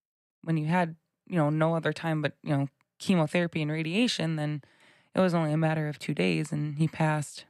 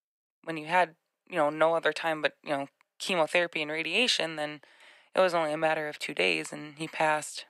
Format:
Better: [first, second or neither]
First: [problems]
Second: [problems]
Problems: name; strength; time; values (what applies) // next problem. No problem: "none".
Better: first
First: none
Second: thin; very; fading below 550 Hz